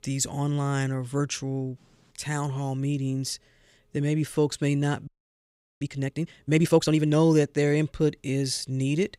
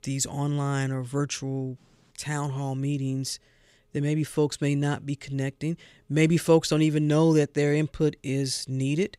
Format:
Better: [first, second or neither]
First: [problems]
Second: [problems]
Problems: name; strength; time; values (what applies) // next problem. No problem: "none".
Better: second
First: audio freezing; at 5 s for 0.5 s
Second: none